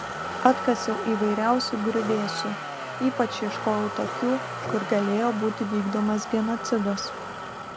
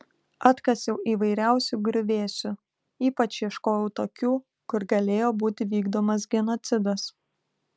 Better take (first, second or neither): second